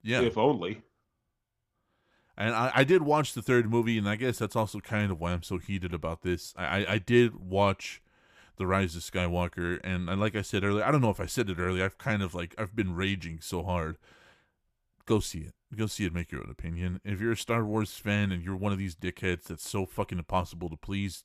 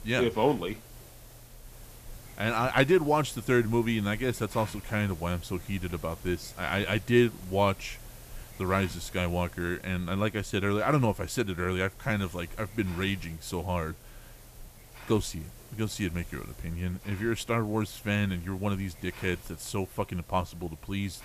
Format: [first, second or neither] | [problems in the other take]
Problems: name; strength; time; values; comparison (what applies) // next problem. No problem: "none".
first | hiss; noticeable; throughout; 20 dB below the speech